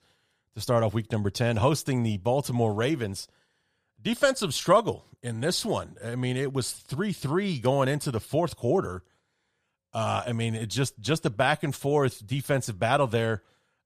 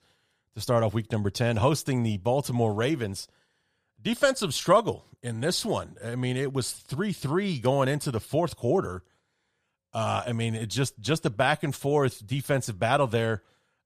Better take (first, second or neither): neither